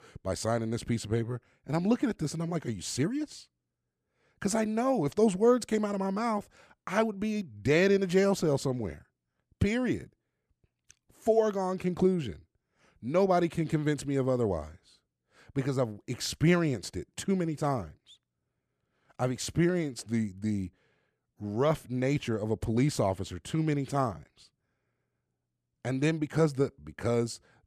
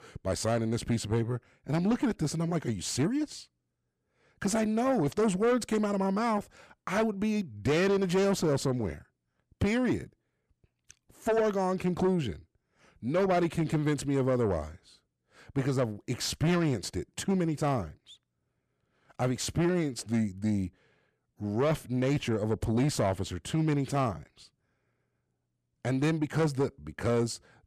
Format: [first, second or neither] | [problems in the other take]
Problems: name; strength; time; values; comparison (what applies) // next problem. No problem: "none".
first | distortion; slight; 10 dB below the speech